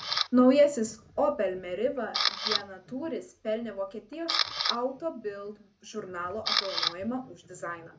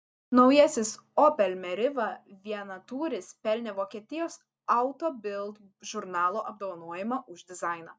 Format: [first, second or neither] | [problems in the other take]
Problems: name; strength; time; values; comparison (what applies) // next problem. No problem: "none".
second | background sound (Camera); 5 dB below the speech // room echo; dies away in 0.3 s